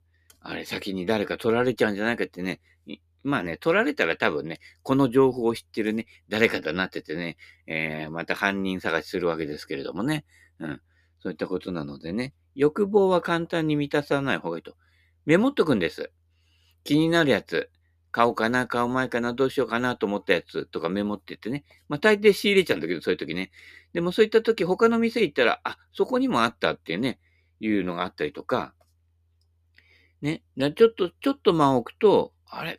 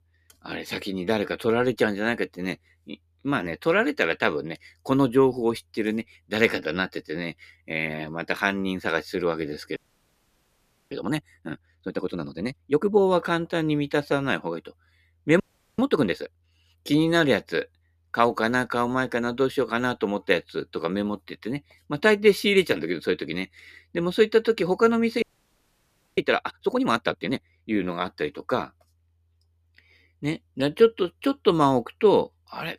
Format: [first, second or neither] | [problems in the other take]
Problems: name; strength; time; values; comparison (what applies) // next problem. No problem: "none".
first | audio freezing; at 10 s for 1 s, at 15 s and at 25 s for 1 s